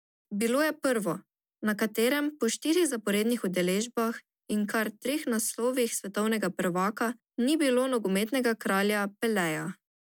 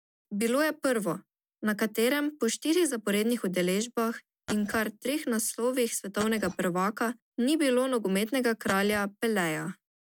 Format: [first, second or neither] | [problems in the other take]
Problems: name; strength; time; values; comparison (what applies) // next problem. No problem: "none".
first | background sound (Glass); 12 dB below the speech